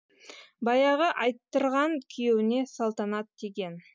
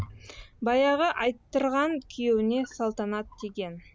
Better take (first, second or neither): first